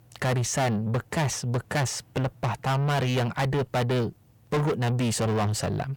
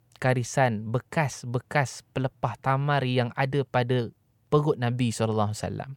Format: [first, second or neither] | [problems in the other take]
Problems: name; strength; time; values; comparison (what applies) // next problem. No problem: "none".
second | distortion; heavy; 6 dB below the speech